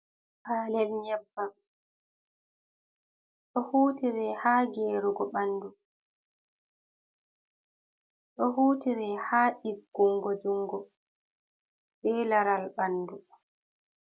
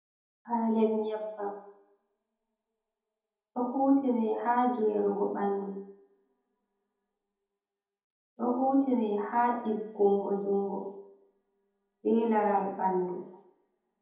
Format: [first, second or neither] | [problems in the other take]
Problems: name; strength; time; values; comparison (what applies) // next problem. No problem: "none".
first | room echo; dies away in 1 s